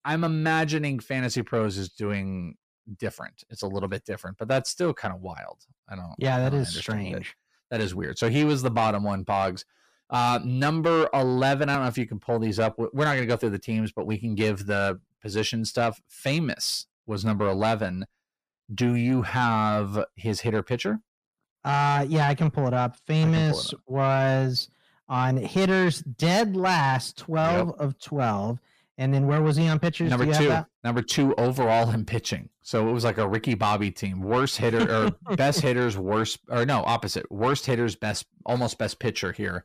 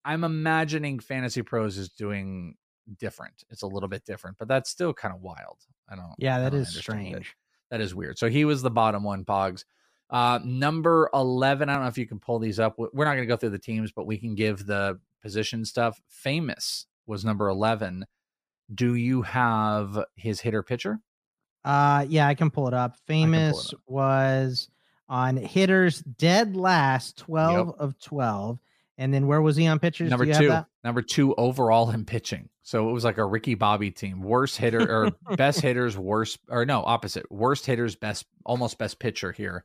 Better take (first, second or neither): second